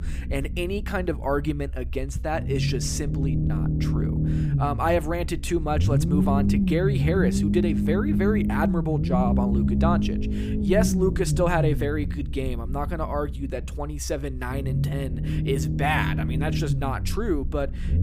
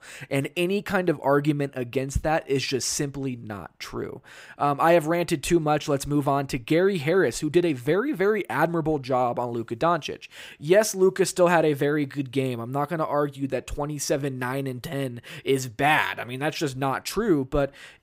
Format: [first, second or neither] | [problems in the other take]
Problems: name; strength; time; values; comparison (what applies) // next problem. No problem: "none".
second | low rumble; loud; throughout; 5 dB below the speech